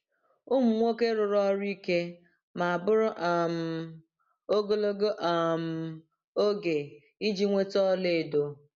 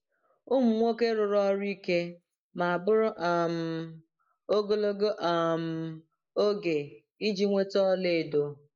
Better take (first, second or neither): first